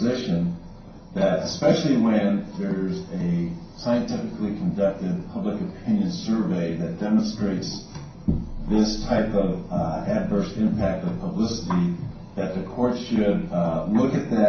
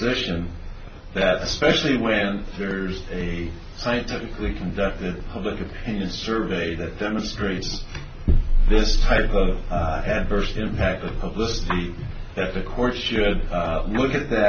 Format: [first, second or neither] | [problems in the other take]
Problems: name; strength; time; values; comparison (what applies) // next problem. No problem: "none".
second | room echo; dies away in 0.5 s